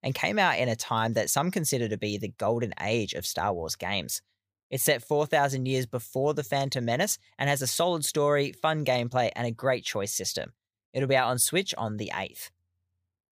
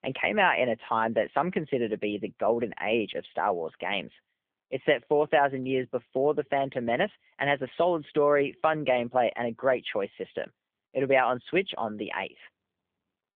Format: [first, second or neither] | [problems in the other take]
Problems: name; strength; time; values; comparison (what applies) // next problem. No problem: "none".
first | phone-call audio; nothing above 3.5 kHz